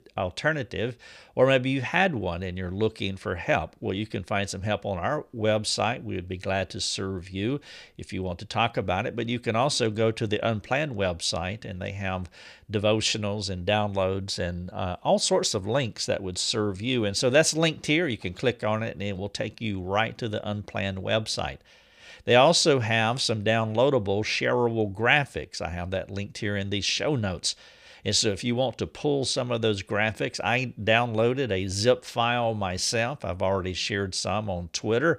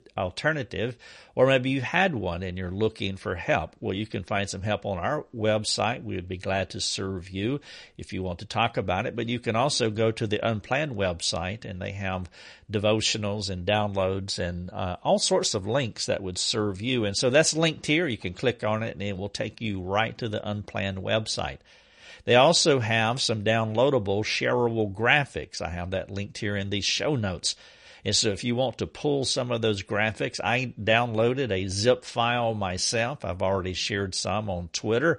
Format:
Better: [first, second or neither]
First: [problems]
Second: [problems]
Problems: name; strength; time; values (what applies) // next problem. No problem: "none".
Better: first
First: none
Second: garbled, watery; slightly; nothing above 9 kHz